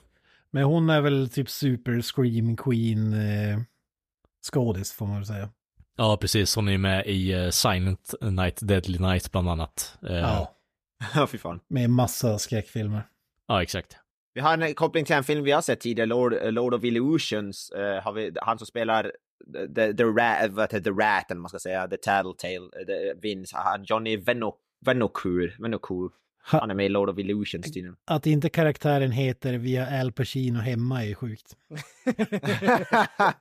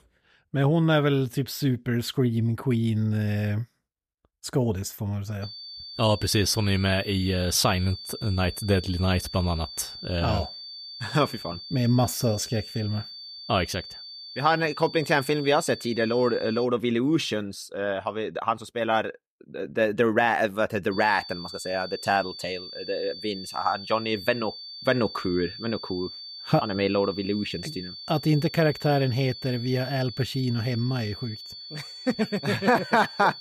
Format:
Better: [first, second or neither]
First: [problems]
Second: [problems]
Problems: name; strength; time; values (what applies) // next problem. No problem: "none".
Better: first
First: none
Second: high-pitched whine; noticeable; from 5.5 to 17 s and from 21 s on; 4.5 kHz, 10 dB below the speech